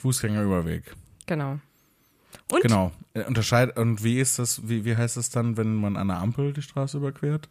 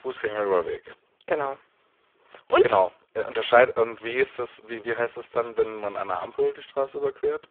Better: first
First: none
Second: phone-call audio; poor line

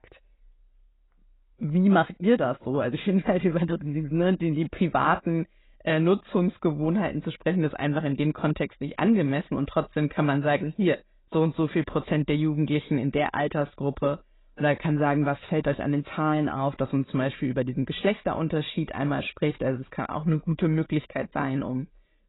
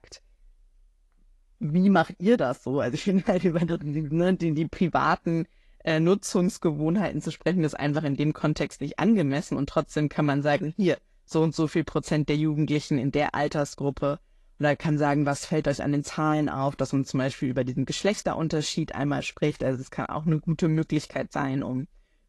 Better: second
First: garbled, watery; badly; nothing above 4 kHz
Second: garbled, watery; slightly; nothing above 11.5 kHz

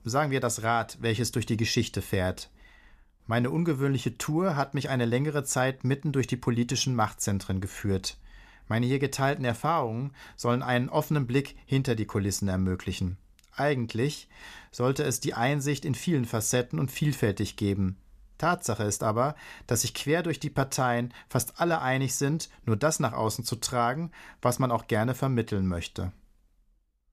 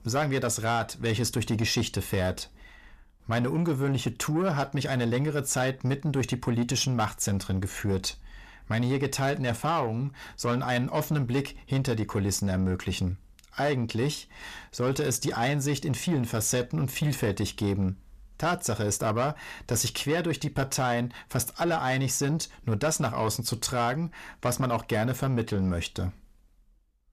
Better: first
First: none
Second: distortion; slight; 10 dB below the speech

